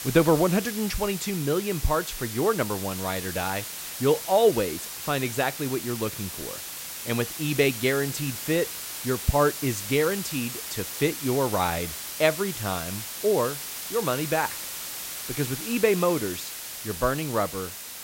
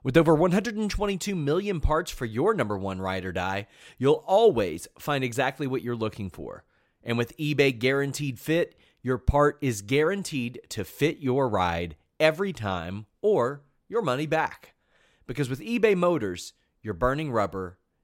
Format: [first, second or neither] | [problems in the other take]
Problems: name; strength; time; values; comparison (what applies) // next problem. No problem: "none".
second | hiss; loud; throughout; 7 dB below the speech